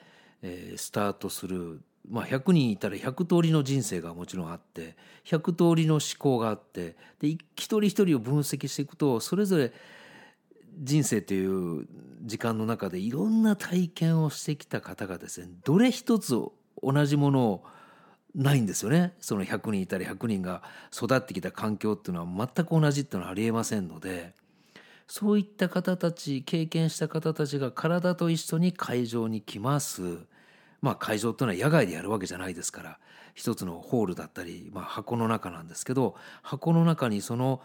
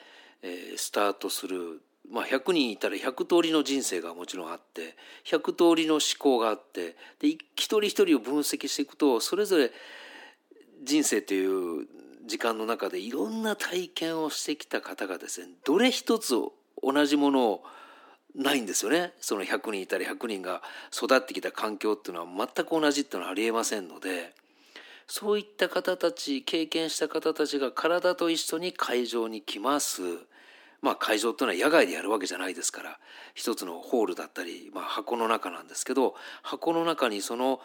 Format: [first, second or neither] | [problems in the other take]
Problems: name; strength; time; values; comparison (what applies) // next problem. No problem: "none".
first | thin; somewhat; fading below 300 Hz